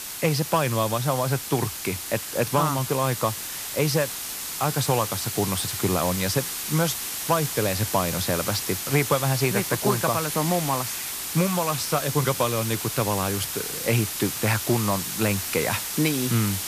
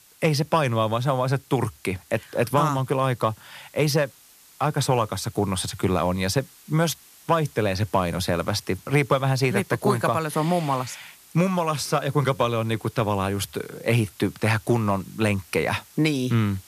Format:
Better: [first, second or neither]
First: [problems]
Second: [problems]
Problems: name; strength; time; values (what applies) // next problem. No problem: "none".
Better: second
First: hiss; loud; throughout; 3 dB below the speech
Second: hiss; faint; throughout; 25 dB below the speech